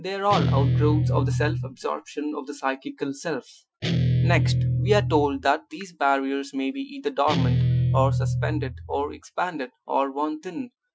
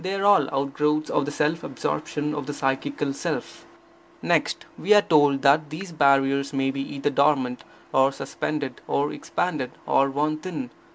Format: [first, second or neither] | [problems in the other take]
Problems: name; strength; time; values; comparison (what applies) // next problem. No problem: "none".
second | noise reduction (classical method Wiener filter)